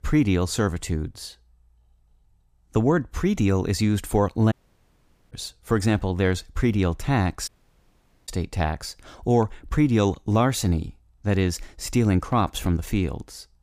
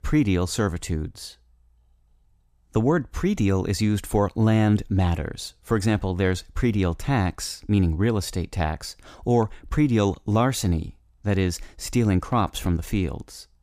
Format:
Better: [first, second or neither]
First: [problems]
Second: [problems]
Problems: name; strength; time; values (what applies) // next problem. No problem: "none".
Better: second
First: audio cutting out; at 4.5 s for 1 s and at 7.5 s for 1 s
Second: none